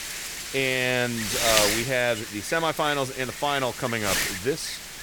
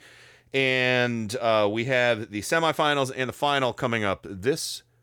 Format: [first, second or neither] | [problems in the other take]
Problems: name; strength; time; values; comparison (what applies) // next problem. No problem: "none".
second | wind noise on the microphone; heavy; 3 dB below the speech